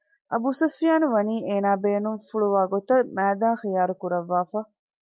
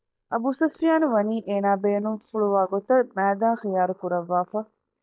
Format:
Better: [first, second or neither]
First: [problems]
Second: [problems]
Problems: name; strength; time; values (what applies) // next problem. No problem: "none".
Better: first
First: none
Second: noise reduction (neural mask model DeepFilterNet 3)